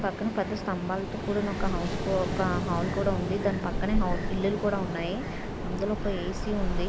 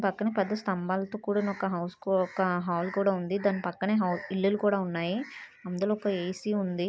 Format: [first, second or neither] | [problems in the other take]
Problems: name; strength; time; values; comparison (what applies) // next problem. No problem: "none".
second | background sound (Ocean); as loud as the speech